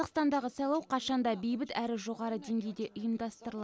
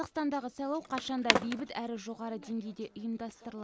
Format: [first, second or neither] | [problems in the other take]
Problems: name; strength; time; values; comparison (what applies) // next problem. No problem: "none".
first | background sound (Skateboard); 2 dB below the speech